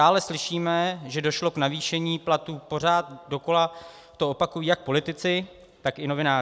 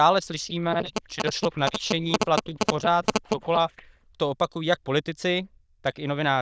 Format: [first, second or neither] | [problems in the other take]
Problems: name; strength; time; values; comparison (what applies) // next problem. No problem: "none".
first | noise reduction (neural diffusion model UNIVERSE++)